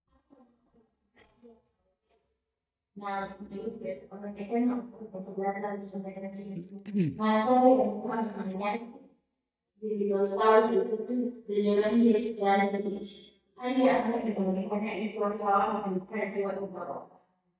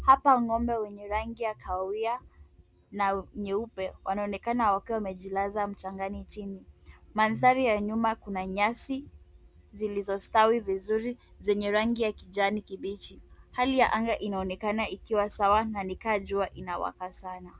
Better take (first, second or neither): second